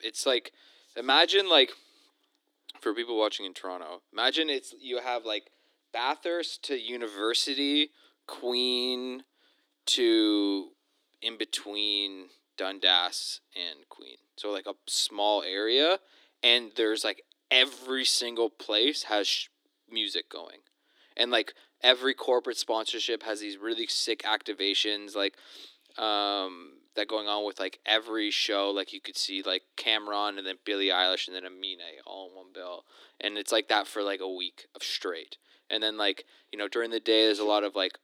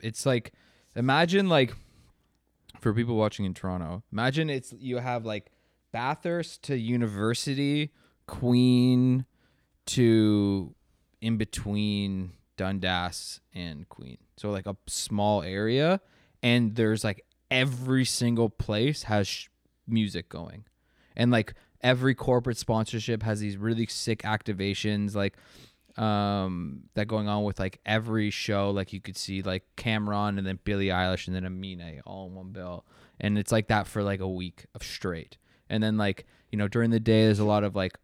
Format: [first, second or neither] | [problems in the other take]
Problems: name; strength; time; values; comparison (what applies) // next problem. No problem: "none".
second | thin; very; fading below 300 Hz